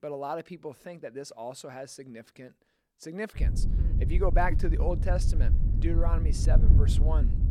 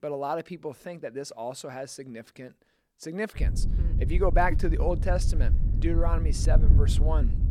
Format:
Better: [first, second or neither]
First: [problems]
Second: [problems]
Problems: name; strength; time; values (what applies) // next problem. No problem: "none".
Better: second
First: wind noise on the microphone; heavy; from 3.5 s on; 8 dB below the speech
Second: wind noise on the microphone; occasional gusts; from 3.5 s on; 10 dB below the speech